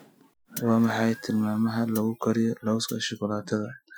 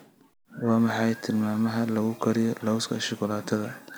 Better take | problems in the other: second | noise reduction (classical method Wiener filter)

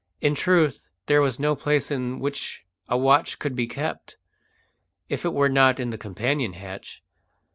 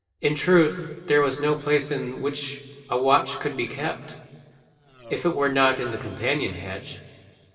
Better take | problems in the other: first | noise reduction (neural separator model SepFormer DNS4)

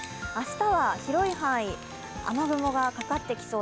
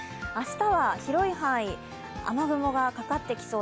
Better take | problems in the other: second | background sound (Mechanisms + Mechanisms); 18 dB below the speech

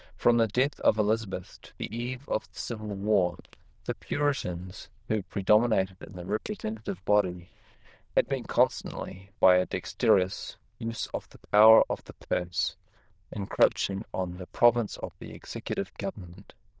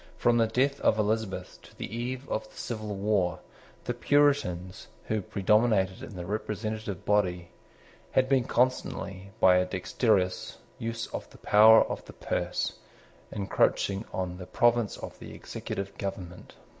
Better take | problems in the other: second | noise reduction (neural diffusion model UNIVERSE++)

